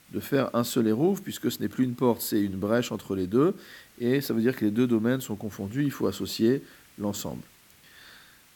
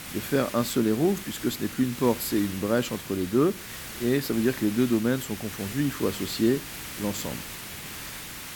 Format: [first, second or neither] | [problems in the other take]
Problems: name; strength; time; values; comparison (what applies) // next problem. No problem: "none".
first | hiss; loud; throughout; 10 dB below the speech; faint in the first